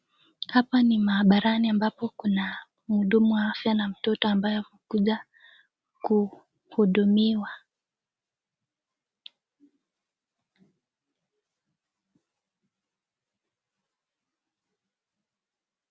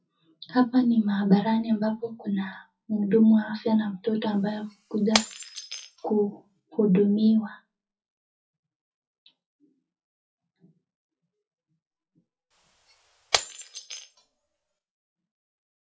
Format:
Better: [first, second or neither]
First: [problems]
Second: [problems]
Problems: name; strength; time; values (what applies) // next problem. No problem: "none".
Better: first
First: none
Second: noise reduction (classical method WPE with log-MMSE)